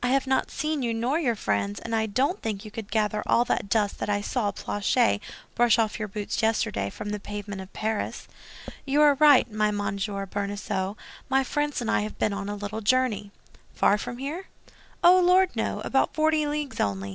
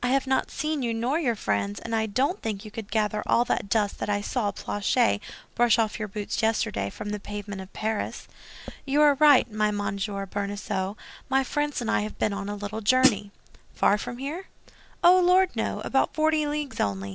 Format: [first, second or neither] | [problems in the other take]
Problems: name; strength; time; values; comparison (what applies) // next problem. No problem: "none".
first | background sound (Hi-hat); 2 dB above the speech